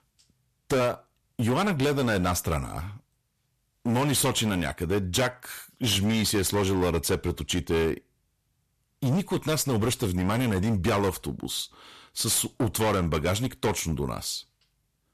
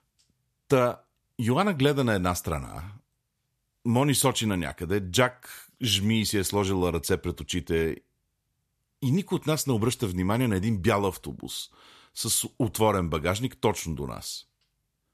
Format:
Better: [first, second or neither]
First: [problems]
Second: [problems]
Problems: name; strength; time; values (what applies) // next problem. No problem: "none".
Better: second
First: distortion; heavy; 14% of the sound clipped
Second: none